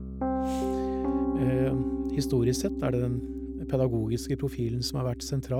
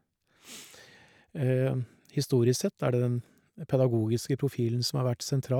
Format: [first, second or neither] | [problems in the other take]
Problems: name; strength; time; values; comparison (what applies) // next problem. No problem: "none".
second | background sound (Piano); 1 dB below the speech